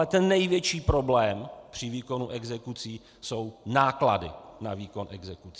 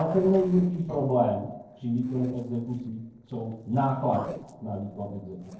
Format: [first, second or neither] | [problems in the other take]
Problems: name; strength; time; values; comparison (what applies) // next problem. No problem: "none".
first | noise reduction (neural separator model SepFormer DNS4)